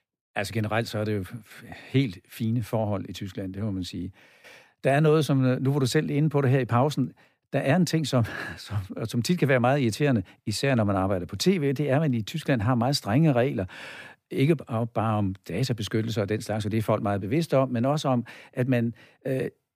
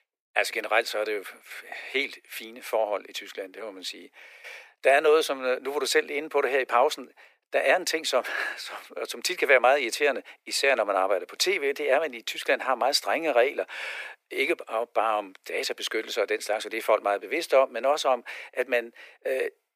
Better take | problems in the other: first | thin; very; fading below 400 Hz

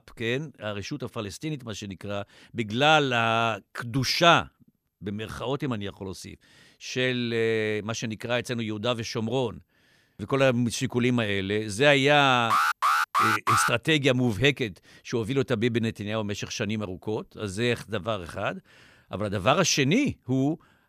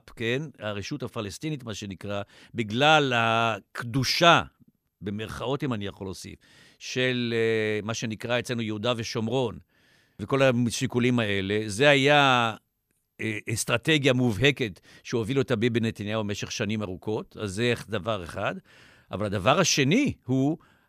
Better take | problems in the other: second | alarm; loud; from 13 to 14 s; peak 4 dB above the speech

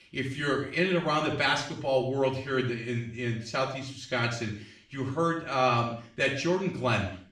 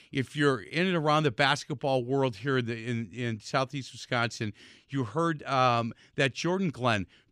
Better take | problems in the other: second | room echo; noticeable; dies away in 0.5 s // off-mic speech; far

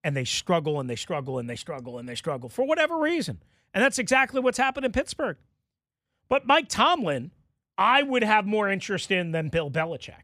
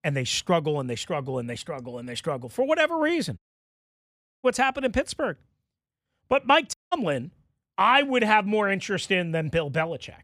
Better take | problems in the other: first | audio cutting out; at 3.5 s for 1 s and at 6.5 s

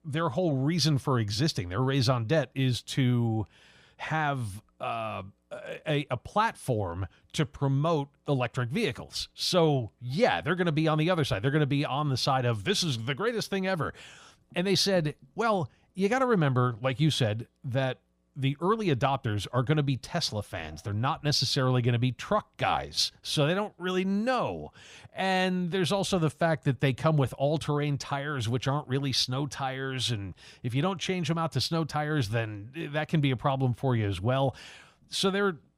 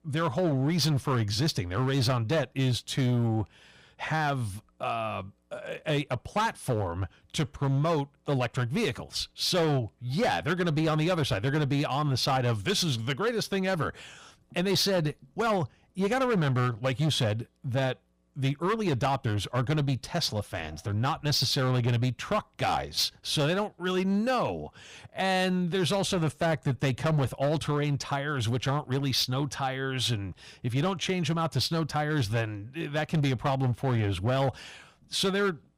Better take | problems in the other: first | distortion; slight; 10% of the sound clipped

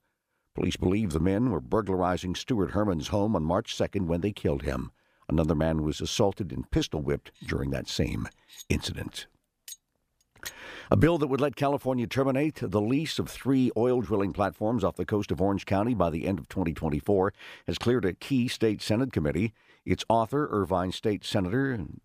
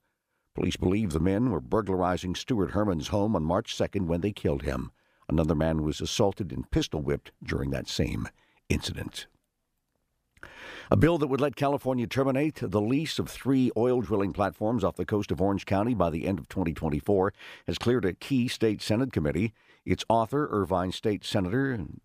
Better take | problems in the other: second | clattering dishes; faint; from 7.5 to 11 s; peak 15 dB below the speech

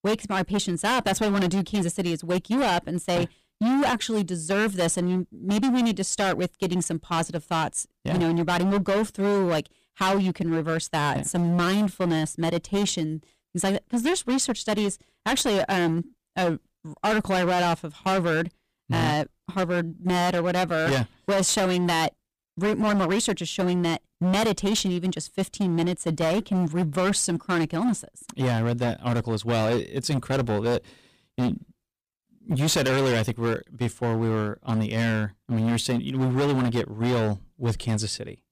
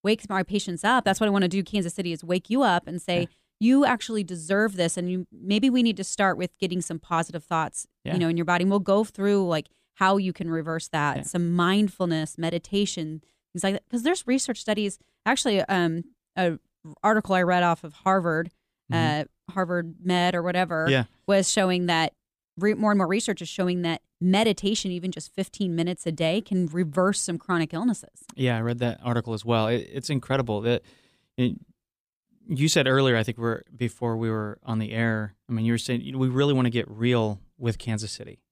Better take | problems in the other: second | distortion; heavy; 19% of the sound clipped

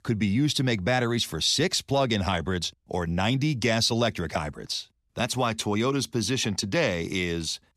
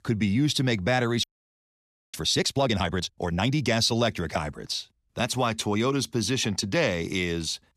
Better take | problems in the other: first | audio freezing; at 1 s for 1 s

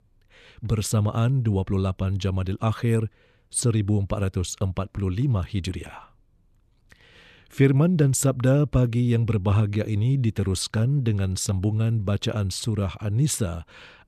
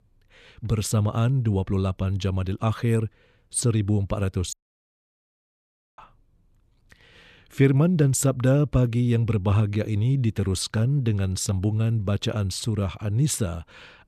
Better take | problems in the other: first | audio cutting out; at 4.5 s for 1.5 s

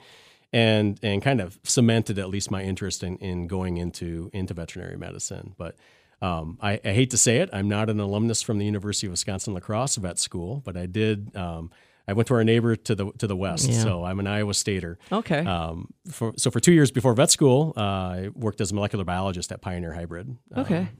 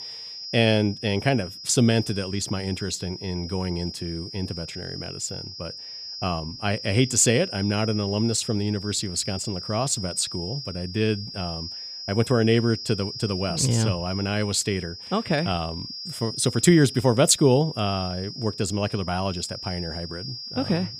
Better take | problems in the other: first | high-pitched whine; loud; throughout; 5 kHz, 10 dB below the speech

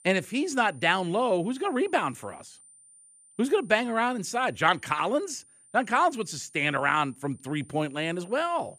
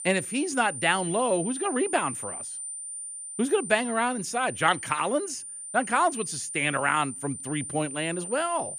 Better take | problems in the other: first | high-pitched whine; loud; throughout; 9 kHz, 8 dB below the speech; faint in the first

